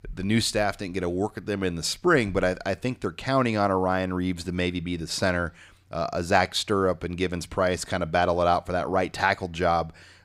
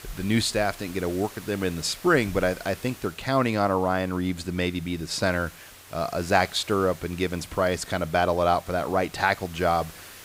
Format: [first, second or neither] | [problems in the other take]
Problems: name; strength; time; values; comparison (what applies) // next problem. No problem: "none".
first | hiss; noticeable; throughout; 20 dB below the speech